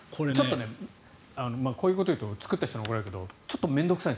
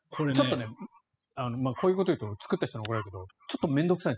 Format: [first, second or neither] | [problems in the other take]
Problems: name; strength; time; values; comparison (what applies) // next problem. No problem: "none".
first | noise reduction (classical method spectral subtraction)